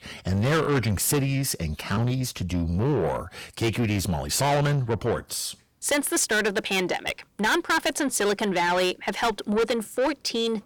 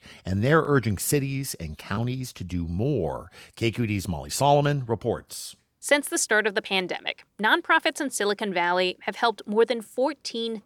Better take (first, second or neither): second